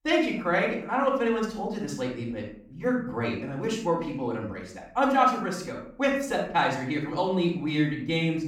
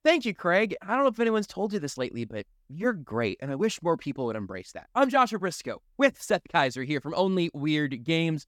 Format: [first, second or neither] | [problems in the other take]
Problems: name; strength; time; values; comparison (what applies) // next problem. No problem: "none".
second | off-mic speech; far // room echo; noticeable; dies away in 0.5 s